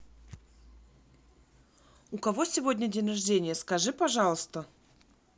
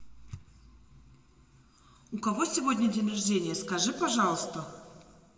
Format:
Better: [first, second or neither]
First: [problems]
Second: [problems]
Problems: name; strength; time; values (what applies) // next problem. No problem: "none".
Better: first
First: none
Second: room echo; dies away in 1.9 s